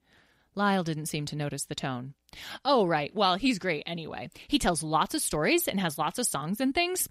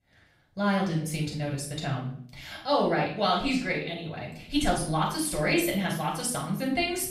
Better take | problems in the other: first | off-mic speech; far // room echo; noticeable; dies away in 0.6 s

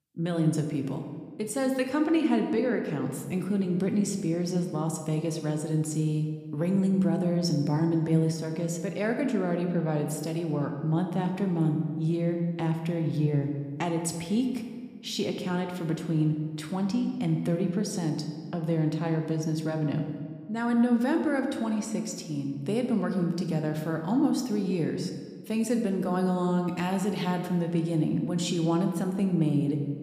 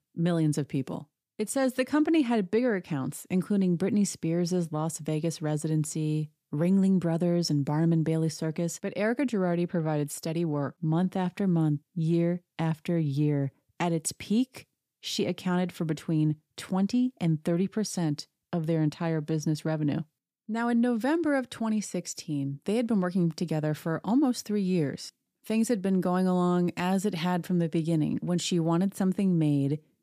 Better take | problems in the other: second | room echo; slight; dies away in 1.3 s

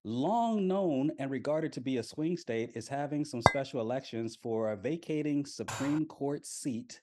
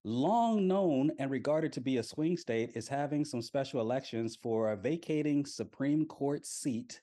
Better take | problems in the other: second | clattering dishes; very faint; at 3.5 s; peak 5 dB above the speech // clattering dishes; noticeable; at 5.5 s; peak 6 dB below the speech

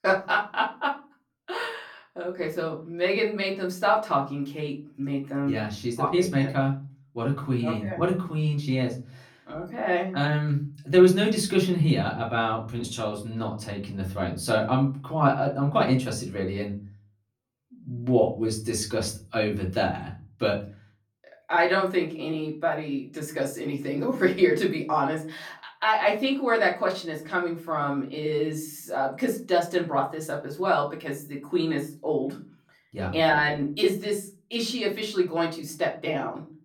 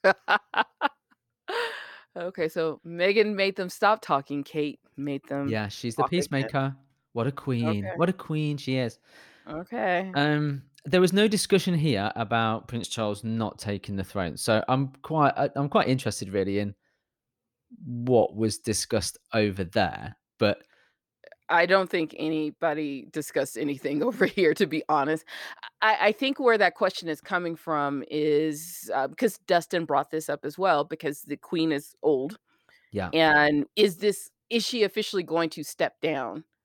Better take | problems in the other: second | off-mic speech; far // room echo; very slight; dies away in 0.3 s

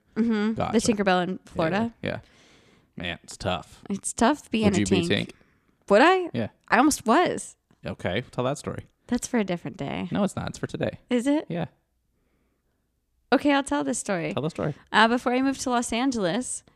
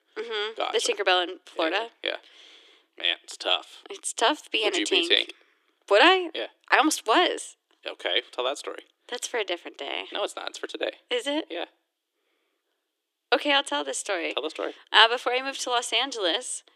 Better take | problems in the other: first | thin; very; fading below 300 Hz

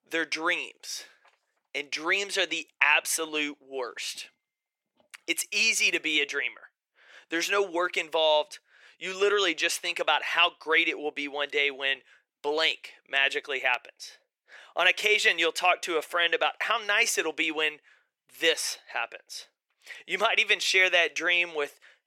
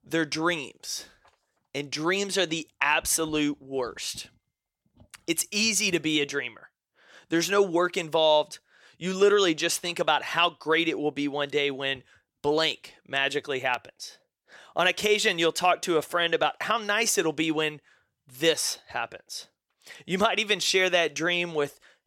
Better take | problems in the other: second | thin; somewhat; fading below 450 Hz

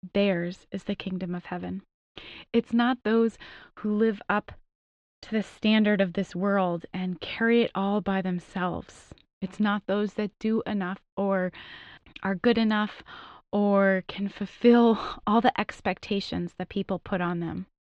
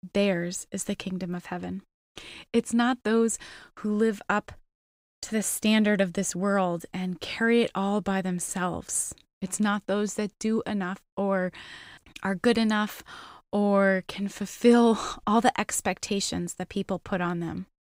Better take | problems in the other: second | muffled; slightly; fading above 3.5 kHz

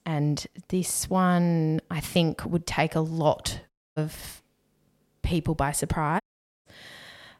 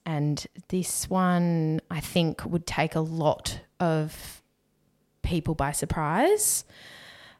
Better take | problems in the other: second | audio cutting out; at 3.5 s and at 6 s

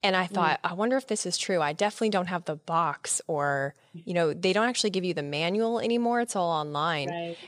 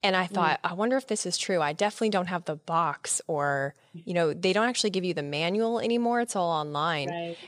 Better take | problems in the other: neither | none

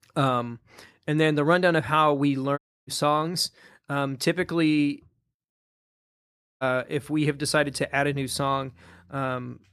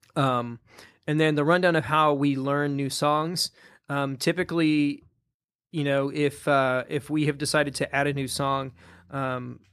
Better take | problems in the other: second | audio cutting out; at 2.5 s and at 5.5 s for 1 s

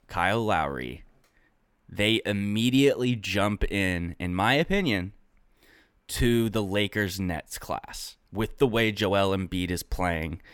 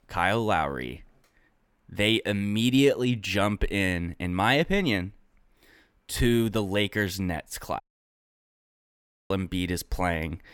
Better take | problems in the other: first | audio cutting out; at 8 s for 1.5 s

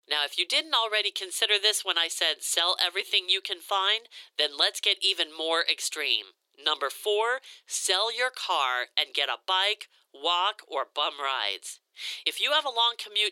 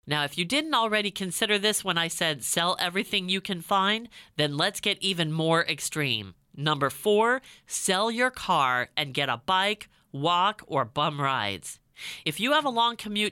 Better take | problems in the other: second | thin; very; fading below 350 Hz

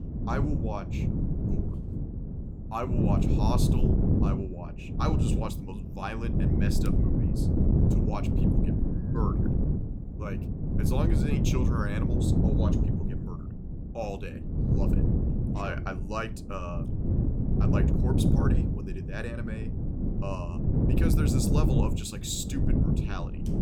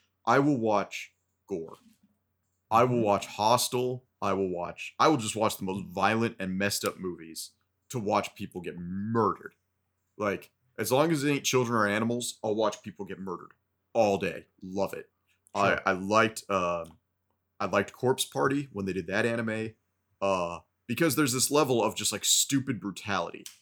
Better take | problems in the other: second | wind noise on the microphone; heavy; as loud as the speech

